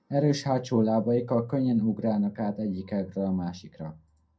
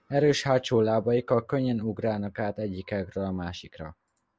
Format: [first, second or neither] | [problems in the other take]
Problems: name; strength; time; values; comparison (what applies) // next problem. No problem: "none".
second | room echo; dies away in 0.2 s